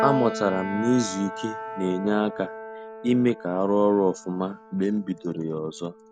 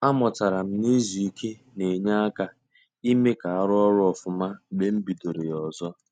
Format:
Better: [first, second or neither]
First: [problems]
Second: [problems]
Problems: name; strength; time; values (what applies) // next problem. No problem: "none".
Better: second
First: background sound (Piano); 9 dB below the speech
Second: none